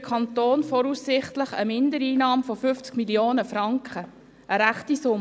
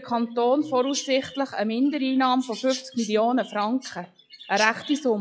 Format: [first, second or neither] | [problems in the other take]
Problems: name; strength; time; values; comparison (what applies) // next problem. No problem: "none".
first | noise reduction (classical method log-MMSE)